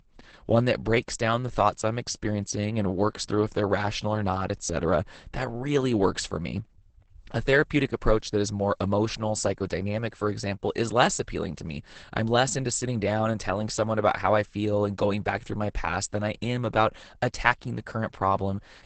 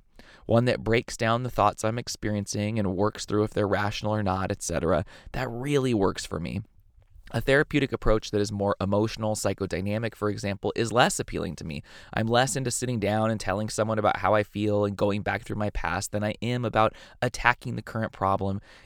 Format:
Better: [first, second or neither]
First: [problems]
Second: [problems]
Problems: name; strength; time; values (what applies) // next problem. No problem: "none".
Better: second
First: garbled, watery; badly; nothing above 8 kHz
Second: none